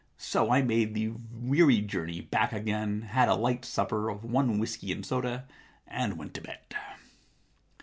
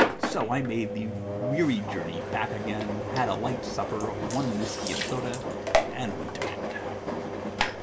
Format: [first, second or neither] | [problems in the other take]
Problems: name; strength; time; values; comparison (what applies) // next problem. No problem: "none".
first | background sound (Engine); 1 dB above the speech